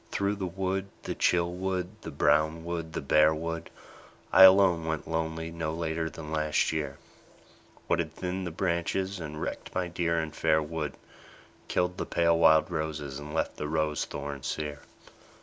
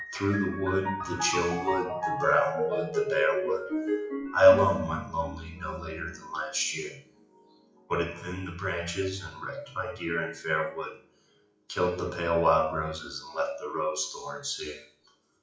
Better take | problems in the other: first | noise reduction (classical method WPE with log-MMSE)

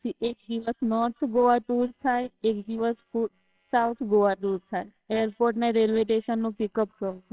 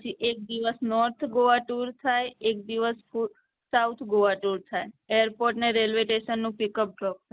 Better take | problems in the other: second | noise reduction (neural separator model SepFormer WHAMR!)

